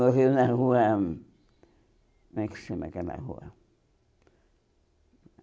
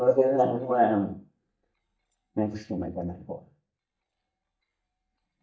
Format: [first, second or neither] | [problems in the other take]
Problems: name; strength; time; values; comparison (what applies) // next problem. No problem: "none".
first | noise reduction (neural mask model DeepFilterNet 3)